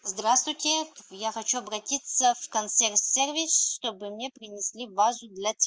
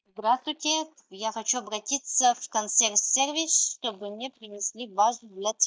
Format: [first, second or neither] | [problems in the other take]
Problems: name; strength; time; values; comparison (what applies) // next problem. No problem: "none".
first | noise reduction (neural mask model DeepFilterNet 3)